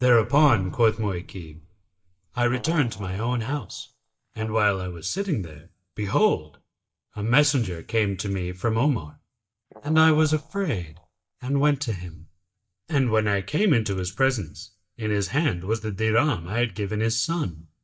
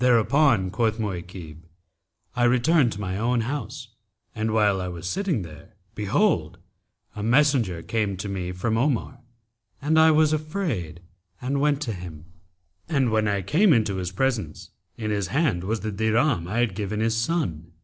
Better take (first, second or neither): second